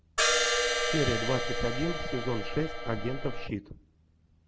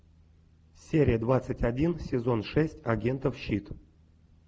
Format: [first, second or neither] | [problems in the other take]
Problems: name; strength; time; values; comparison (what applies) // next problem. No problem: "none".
second | background sound (Crash cymbal); 4 dB above the speech